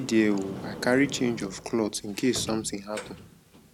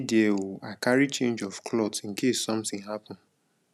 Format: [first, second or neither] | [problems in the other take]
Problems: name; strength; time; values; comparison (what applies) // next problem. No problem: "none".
second | background sound (Sliding door); 13 dB below the speech